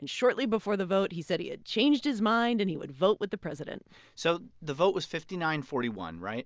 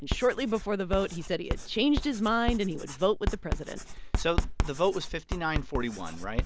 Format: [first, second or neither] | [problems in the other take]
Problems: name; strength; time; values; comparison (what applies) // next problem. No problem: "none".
first | background sound (Writing); 3 dB below the speech